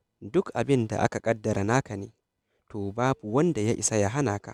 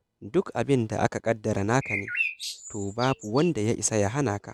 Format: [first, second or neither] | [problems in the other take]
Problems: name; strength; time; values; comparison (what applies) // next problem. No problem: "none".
first | background sound (Bird); 7 dB below the speech